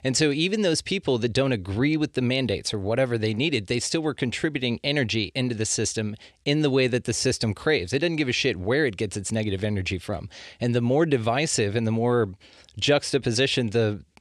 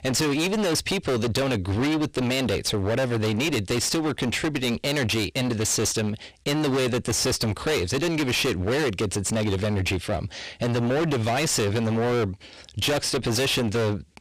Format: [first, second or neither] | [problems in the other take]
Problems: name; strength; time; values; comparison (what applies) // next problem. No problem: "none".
first | distortion; heavy; 34% of the sound clipped